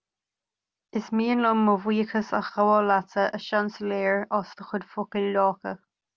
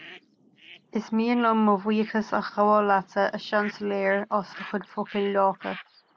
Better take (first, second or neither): first